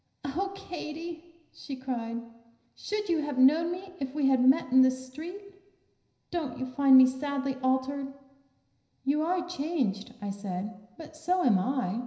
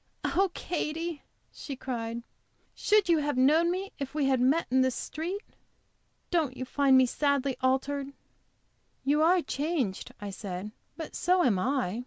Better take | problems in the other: second | room echo; dies away in 0.9 s

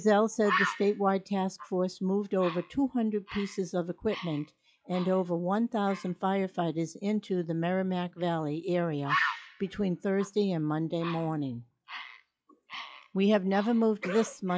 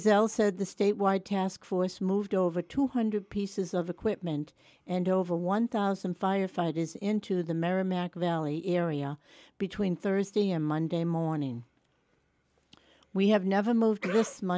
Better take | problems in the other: second | noise reduction (classical method log-MMSE)

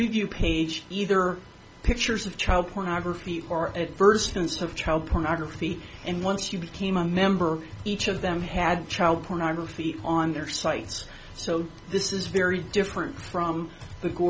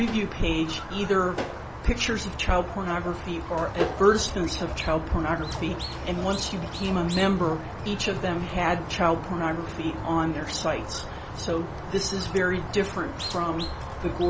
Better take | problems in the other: first | background sound (Squeak); 8 dB below the speech

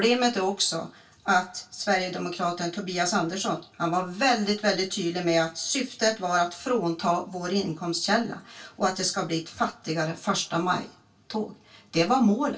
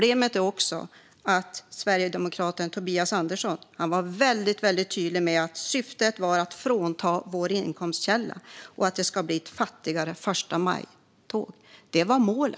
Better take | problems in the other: second | room echo; dies away in 0.2 s

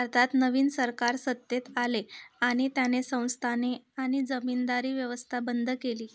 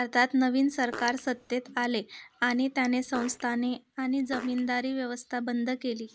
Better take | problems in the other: first | background sound (Fart); 16 dB below the speech

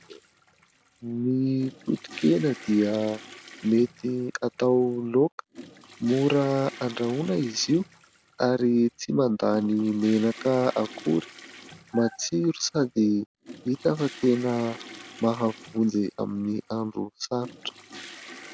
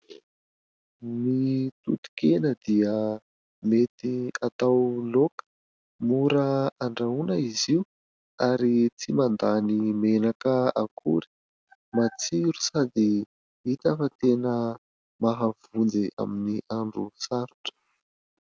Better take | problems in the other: second | background sound (Toilet flush / Water); 20 dB below the speech

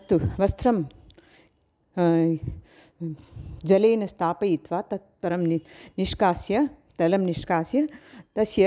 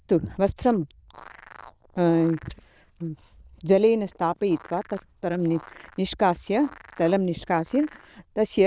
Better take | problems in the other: first | noise reduction (neural diffusion model UNIVERSE++)

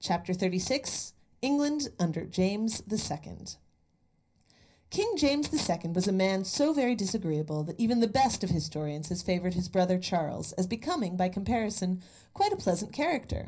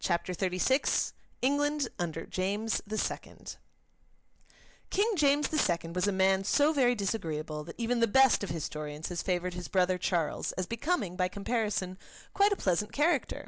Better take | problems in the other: second | room echo; dies away in 0.4 s

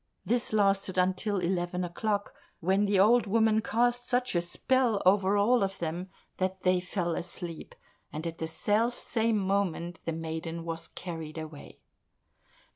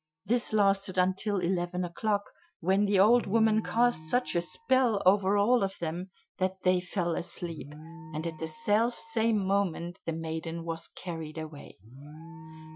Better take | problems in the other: first | noise reduction (classical method Wiener filter)

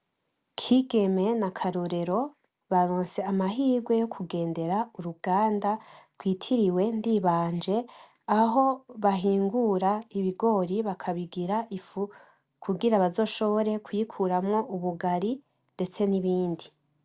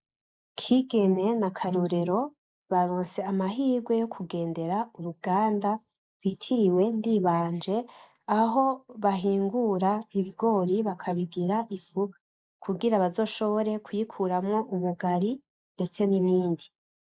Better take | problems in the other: first | noise reduction (neural mask model Resemble Enhance denoiser)

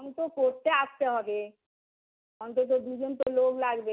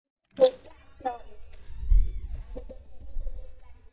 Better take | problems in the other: first | noise reduction (neural mask model DeepFilterNet 3)

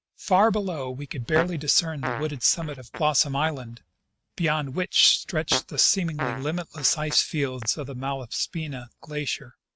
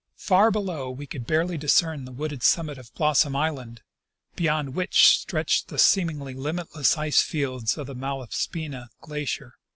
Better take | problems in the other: second | noise reduction (neural mask model RNNoise)

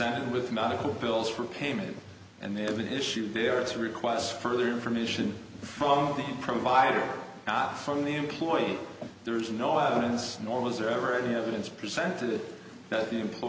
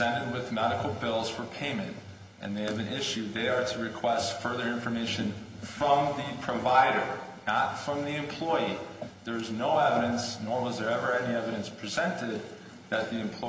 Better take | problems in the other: first | room echo; dies away in 1.5 s

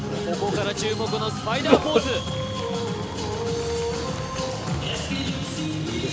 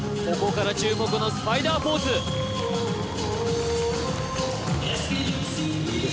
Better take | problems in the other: second | background sound (Cough); 1 dB below the speech

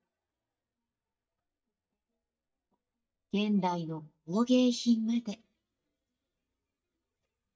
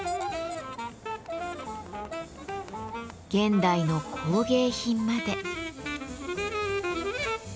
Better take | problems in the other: second | noise reduction (neural mask model DeepFilterNet 3)

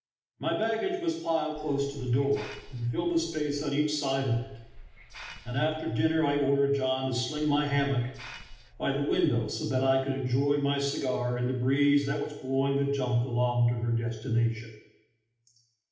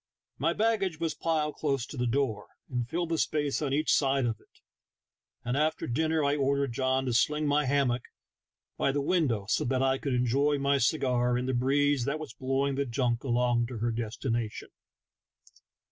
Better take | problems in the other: second | background sound (Hiss); 18 dB below the speech // room echo; dies away in 0.8 s

